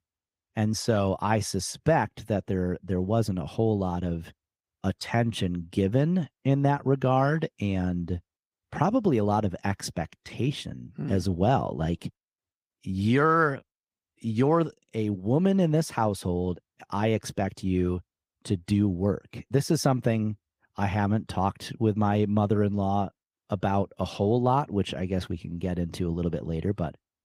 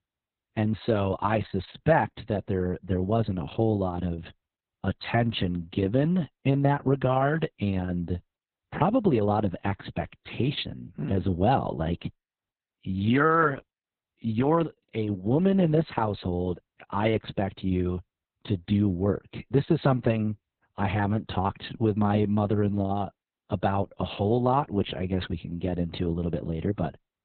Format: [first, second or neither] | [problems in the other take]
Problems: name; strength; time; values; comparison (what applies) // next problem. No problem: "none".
first | garbled, watery; badly; nothing above 4 kHz; slightly in the first